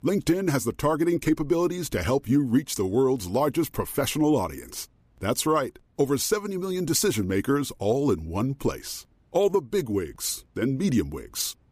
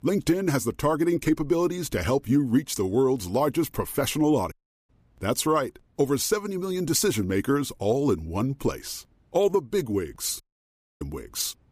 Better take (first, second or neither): first